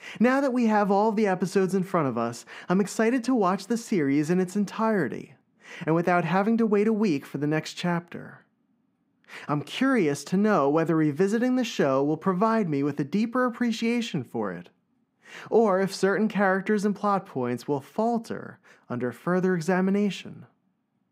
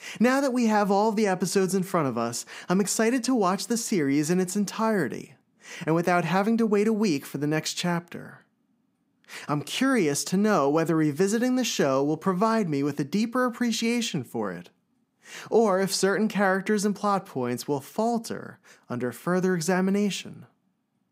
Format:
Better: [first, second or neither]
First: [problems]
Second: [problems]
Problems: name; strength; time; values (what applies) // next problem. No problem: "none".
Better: second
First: muffled; slightly; fading above 4 kHz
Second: none